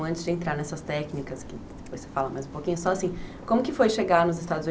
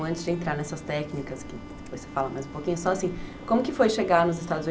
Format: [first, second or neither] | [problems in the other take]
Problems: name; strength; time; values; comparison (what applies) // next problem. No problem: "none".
first | background sound (Bowed string instrument); 18 dB below the speech